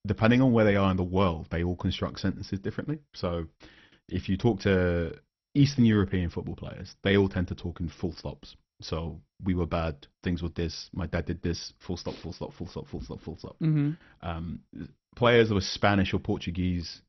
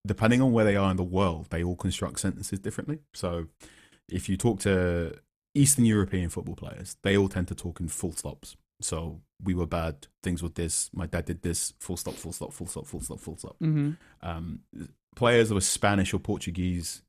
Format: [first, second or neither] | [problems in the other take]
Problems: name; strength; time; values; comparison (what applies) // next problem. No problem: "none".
second | garbled, watery; slightly; nothing above 6 kHz